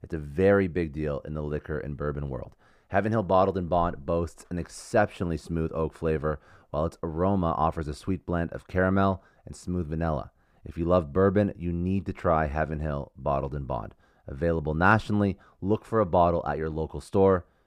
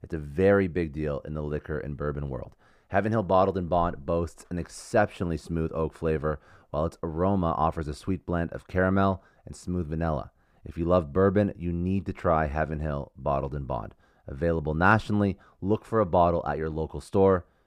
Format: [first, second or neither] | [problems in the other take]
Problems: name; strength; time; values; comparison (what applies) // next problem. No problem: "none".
neither | muffled; slightly; fading above 2 kHz; the same in both